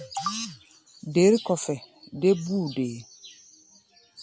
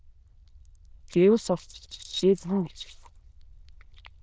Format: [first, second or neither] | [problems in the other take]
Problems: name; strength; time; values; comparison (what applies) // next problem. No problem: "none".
first | noise reduction (neural diffusion model UNIVERSE++)